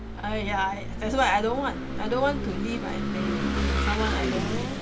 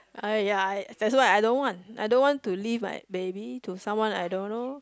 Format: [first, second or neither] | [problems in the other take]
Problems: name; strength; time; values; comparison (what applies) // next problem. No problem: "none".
second | background sound (Engine / Vehicle); as loud as the speech // room echo; dies away in 0.2 s